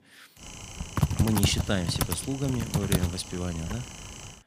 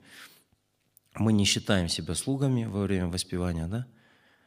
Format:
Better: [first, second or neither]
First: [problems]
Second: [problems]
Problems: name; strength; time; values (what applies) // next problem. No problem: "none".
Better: second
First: keyboard typing; loud; from 1 to 3.5 s; peak 4 dB above the speech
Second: none